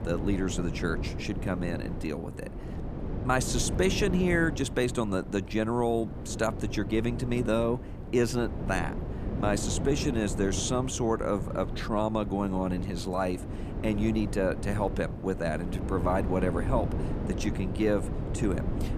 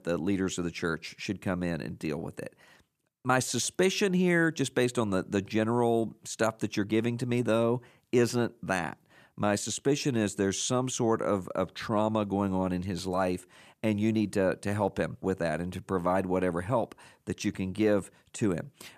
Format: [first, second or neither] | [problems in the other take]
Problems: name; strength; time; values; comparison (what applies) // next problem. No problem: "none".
second | wind noise on the microphone; occasional gusts; 10 dB below the speech